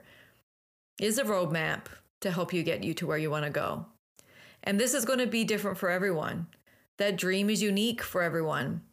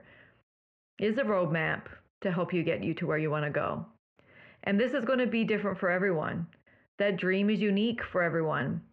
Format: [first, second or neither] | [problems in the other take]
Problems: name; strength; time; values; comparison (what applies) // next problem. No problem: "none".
first | muffled; very; fading above 2.5 kHz